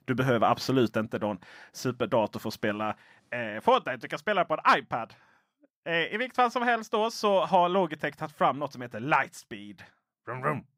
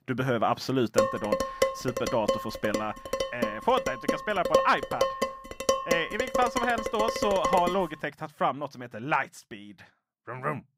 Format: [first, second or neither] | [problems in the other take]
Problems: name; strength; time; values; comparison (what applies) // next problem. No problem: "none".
first | clattering dishes; loud; from 1 to 7.5 s; peak 3 dB above the speech